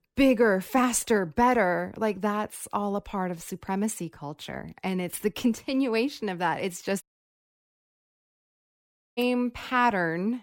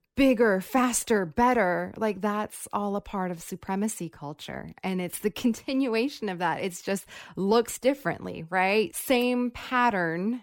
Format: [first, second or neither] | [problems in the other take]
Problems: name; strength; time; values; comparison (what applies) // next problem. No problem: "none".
second | audio cutting out; at 7 s for 2 s